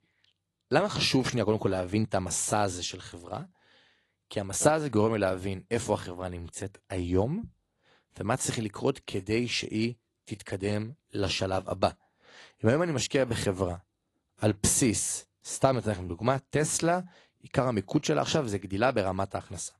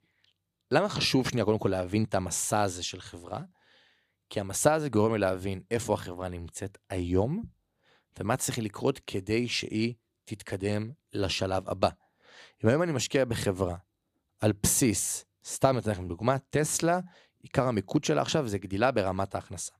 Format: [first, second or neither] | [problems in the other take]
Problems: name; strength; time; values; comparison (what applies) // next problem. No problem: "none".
second | garbled, watery; slightly; nothing above 11.5 kHz